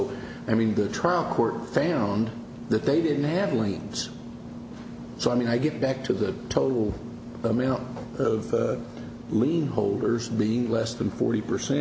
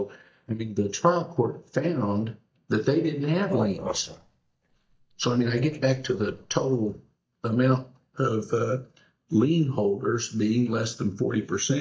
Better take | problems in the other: first | noise reduction (neural mask model DeepFilterNet 3)

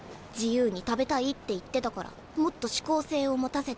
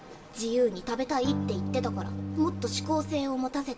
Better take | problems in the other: first | background sound (Electric guitar / Strum); 3 dB below the speech // room echo; dies away in 0.6 s

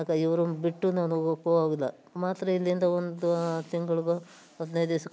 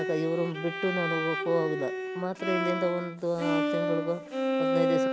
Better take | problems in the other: first | background sound (Bowed string instrument); as loud as the speech

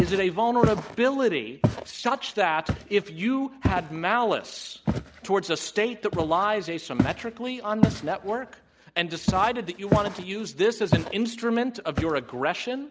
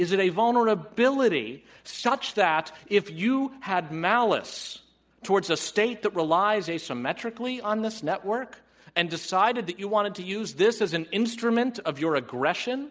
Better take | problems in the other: second | background sound (Walk, footsteps); 4 dB below the speech

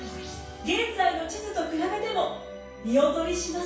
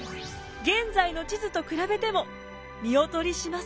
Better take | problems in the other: second | room echo; dies away in 0.7 s

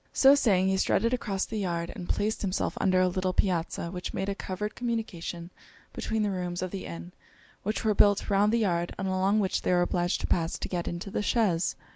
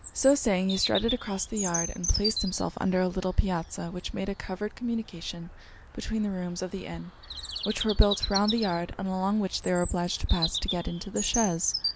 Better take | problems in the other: first | background sound (Bird vocalization, bird call, bird song); 8 dB below the speech

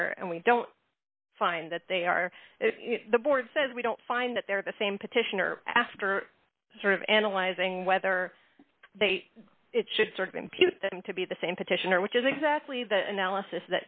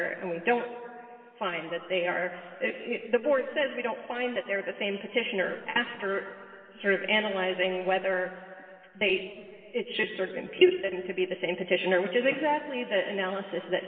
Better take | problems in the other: first | room echo; dies away in 2.5 s

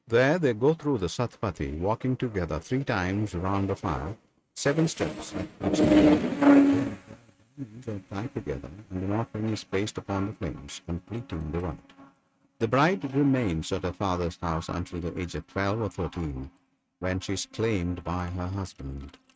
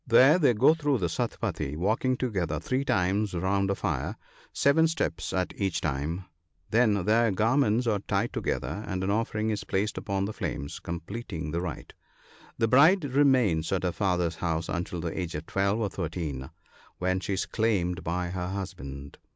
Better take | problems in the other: second | noise reduction (neural mask model RNNoise)

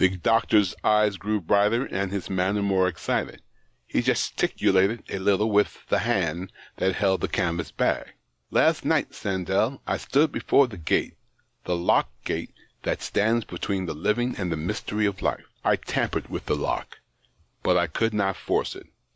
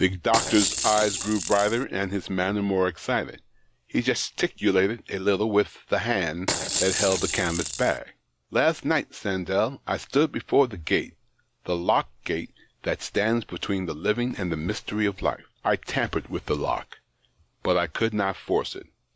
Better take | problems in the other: first | background sound (Rattle / Rattle (instrument)); 3 dB below the speech

